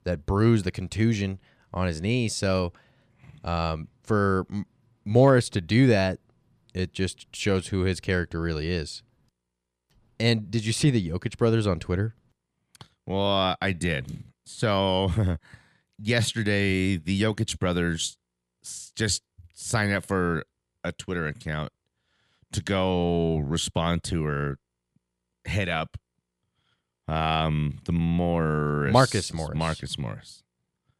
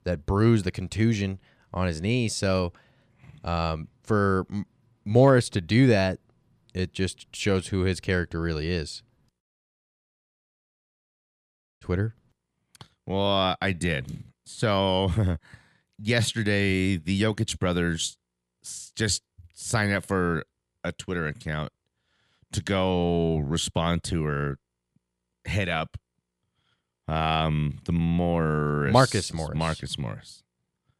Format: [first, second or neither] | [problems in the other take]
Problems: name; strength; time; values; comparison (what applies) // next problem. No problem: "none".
first | audio cutting out; at 9.5 s for 2.5 s